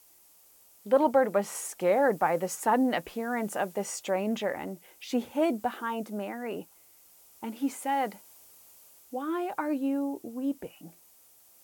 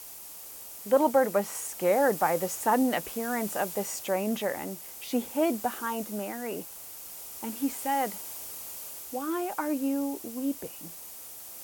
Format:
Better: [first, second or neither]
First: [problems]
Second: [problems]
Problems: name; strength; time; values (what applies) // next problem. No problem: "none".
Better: first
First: hiss; faint; throughout; 25 dB below the speech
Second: hiss; loud; throughout; 9 dB below the speech